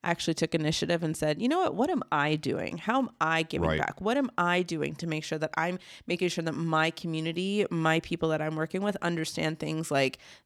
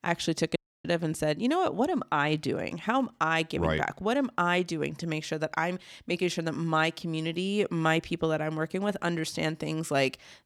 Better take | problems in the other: first | audio cutting out; at 0.5 s

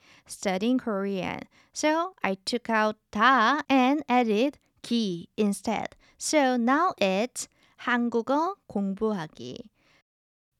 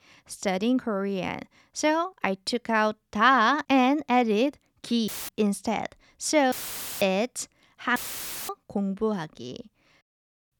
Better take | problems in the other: first | audio cutting out; filled with static; at 5 s, at 6.5 s and at 8 s for 0.5 s

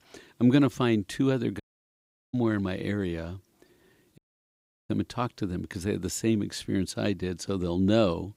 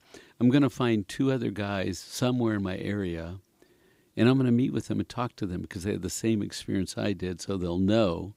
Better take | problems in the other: second | audio cutting out; at 1.5 s for 0.5 s and at 4 s for 0.5 s

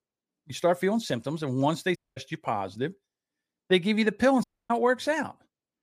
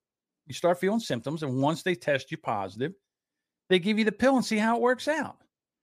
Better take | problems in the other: second | audio cutting out; at 2 s and at 4.5 s

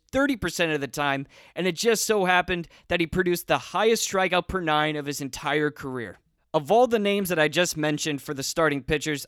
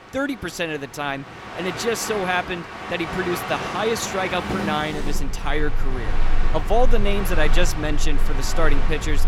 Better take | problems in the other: first | train or aircraft noise; loud; throughout; 2 dB below the speech

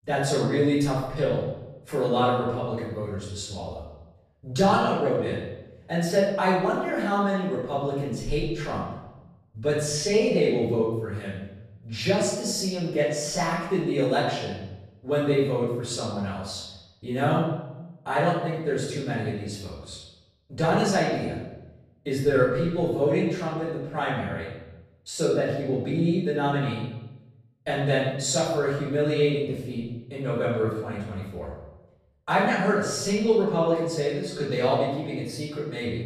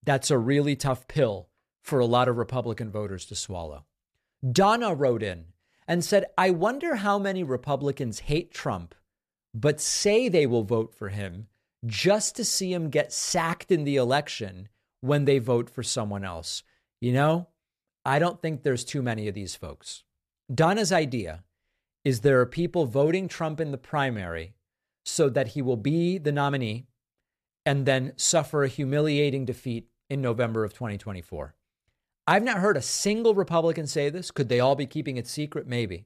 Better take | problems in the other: second | off-mic speech; far // room echo; noticeable; dies away in 0.9 s

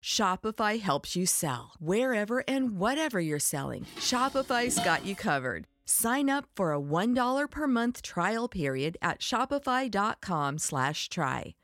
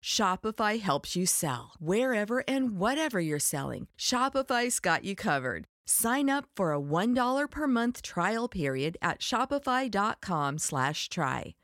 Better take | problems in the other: second | clattering dishes; noticeable; from 4 to 5 s; peak 5 dB below the speech

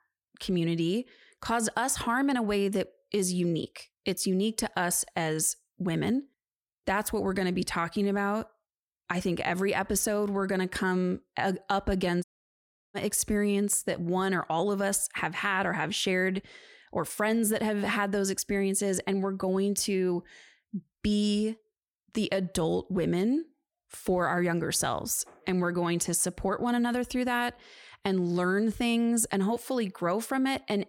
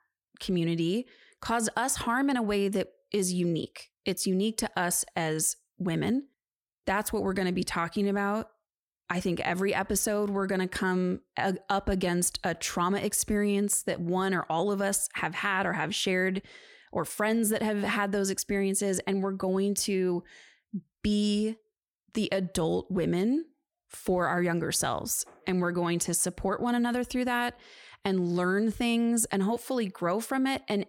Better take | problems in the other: second | audio cutting out; at 12 s for 0.5 s

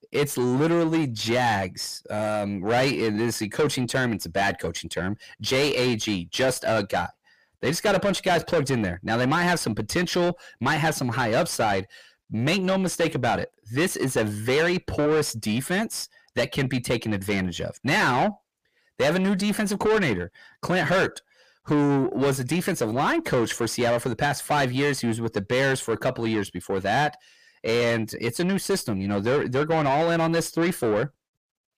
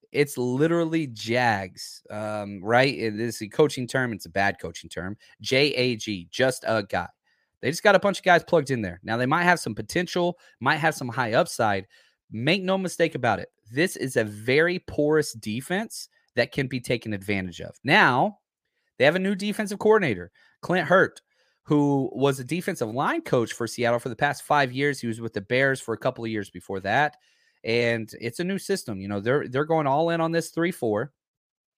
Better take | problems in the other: second | distortion; heavy; 6 dB below the speech

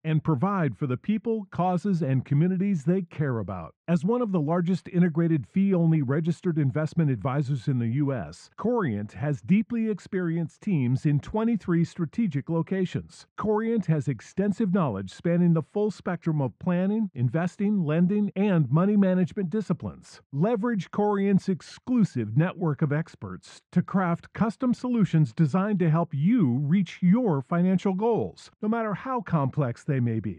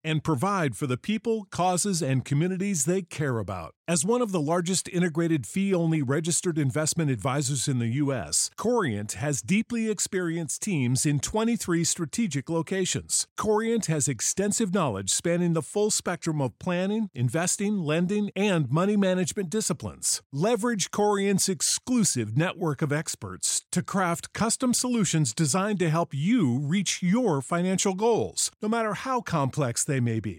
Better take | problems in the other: second | muffled; very; fading above 2 kHz

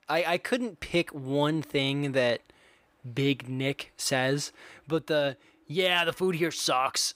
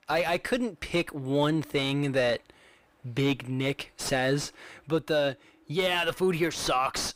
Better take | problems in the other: first | distortion; slight; 9 dB below the speech

